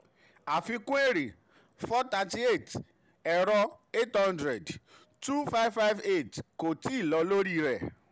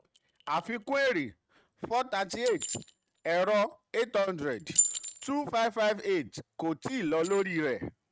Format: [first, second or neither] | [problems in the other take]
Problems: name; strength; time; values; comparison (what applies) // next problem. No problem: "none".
first | noise reduction (neural mask model RNNoise)